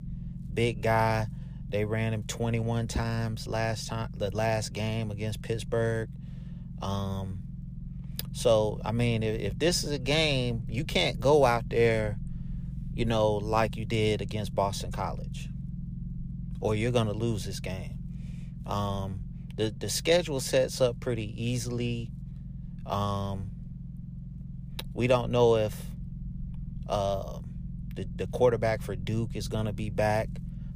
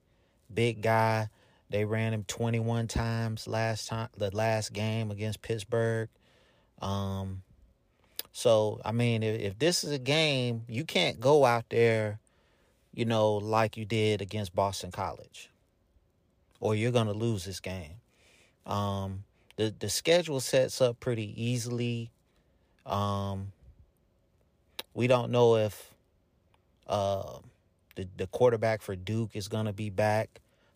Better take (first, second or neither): second